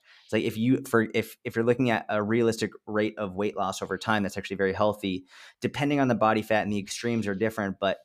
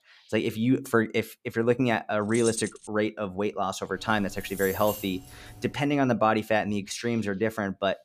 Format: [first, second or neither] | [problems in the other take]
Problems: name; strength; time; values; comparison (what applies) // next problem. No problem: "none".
first | jangling keys; noticeable; at 2.5 s and from 4 to 5.5 s; peak 6 dB below the speech